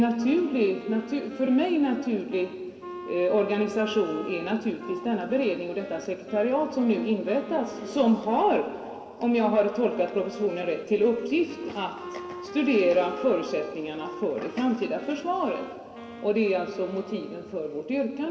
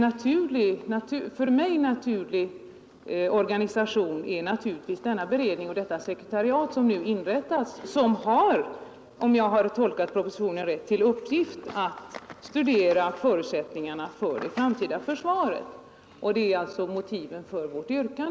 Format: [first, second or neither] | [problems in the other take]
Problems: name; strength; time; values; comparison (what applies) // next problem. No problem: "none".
second | background sound (Wind instrument, woodwind instrument); 16 dB below the speech // room echo; dies away in 2.1 s